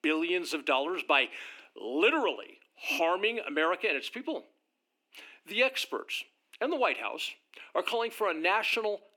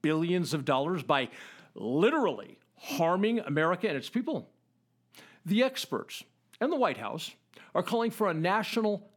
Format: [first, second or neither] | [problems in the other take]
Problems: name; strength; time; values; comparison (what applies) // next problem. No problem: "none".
second | thin; somewhat; fading below 300 Hz